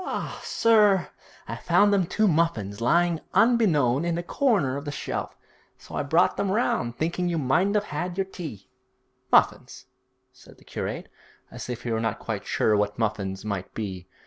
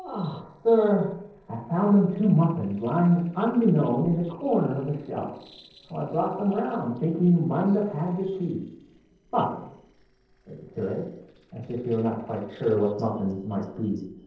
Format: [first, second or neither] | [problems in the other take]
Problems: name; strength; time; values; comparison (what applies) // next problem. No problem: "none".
first | noise reduction (neural separator model SepFormer DNS4)